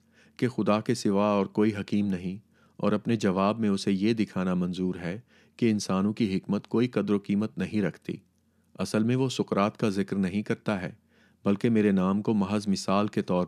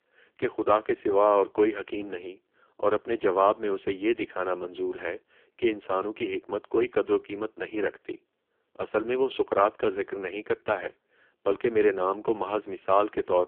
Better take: first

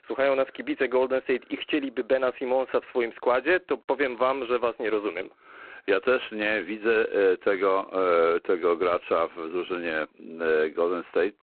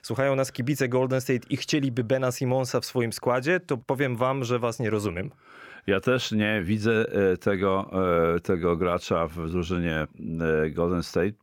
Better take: second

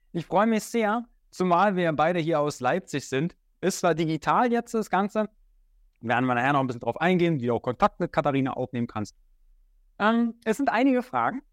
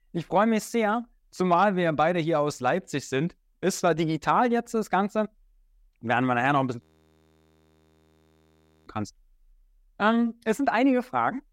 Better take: first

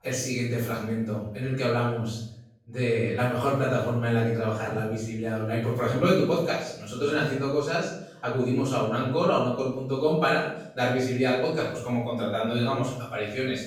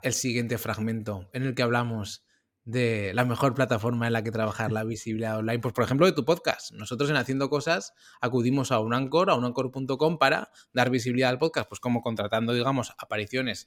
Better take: second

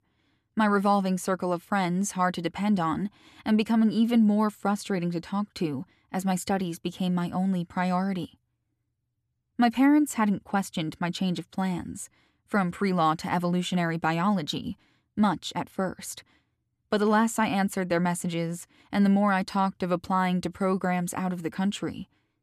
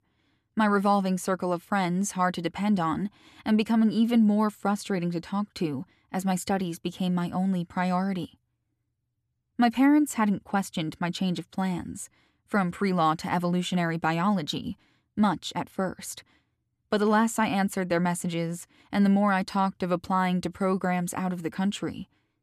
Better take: neither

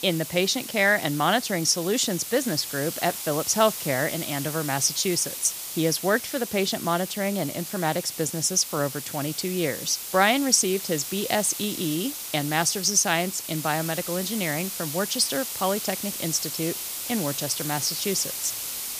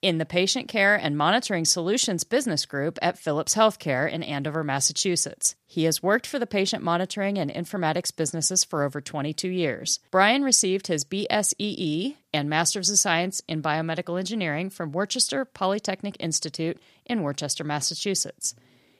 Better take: second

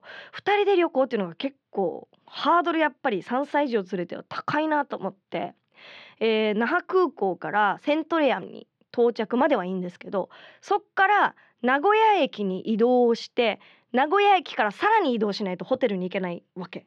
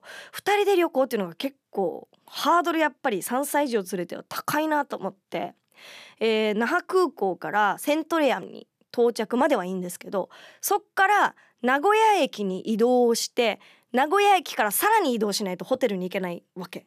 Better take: second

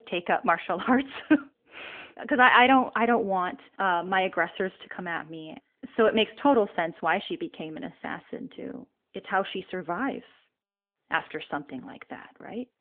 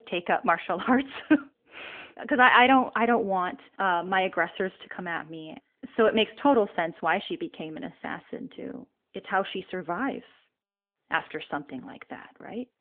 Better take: neither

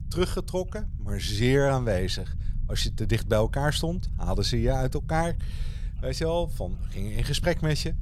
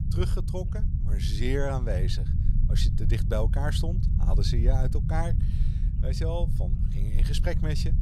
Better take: first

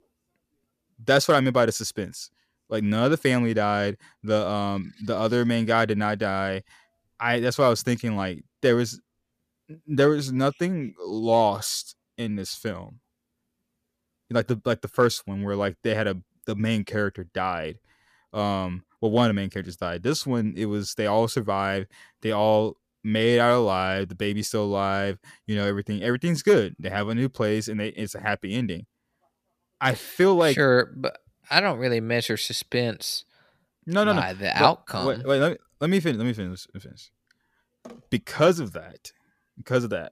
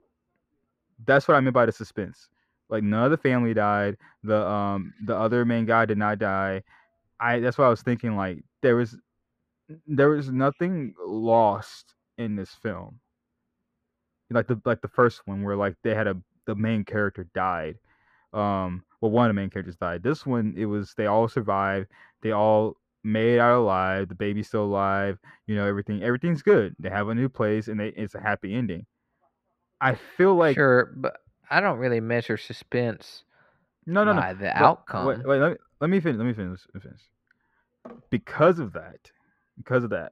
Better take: first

